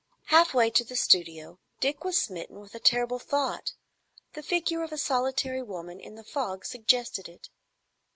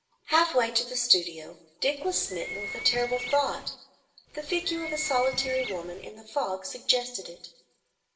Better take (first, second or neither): first